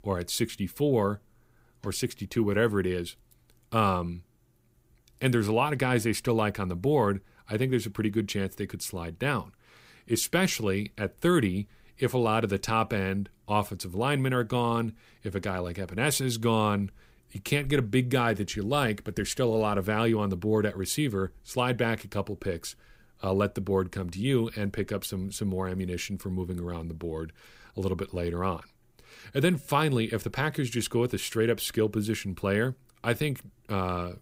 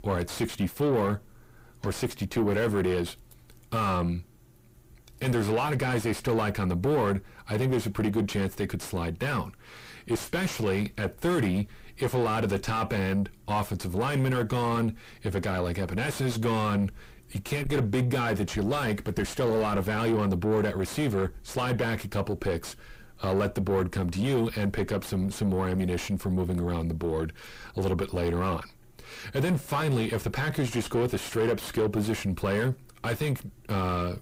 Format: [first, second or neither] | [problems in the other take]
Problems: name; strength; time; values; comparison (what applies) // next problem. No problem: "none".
first | distortion; heavy; 5 dB below the speech